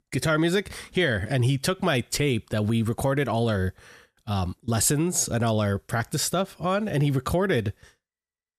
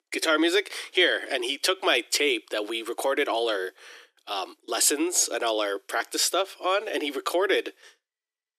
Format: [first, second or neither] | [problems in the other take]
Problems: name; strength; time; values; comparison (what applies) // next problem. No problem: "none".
first | thin; very; fading below 300 Hz